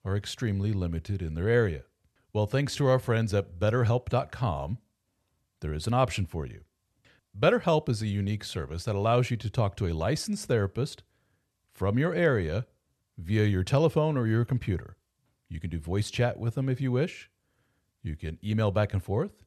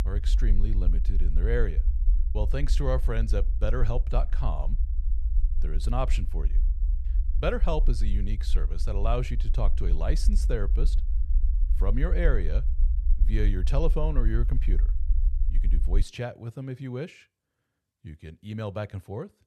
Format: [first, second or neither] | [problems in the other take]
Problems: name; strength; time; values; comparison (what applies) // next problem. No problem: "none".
first | low rumble; noticeable; until 16 s; 15 dB below the speech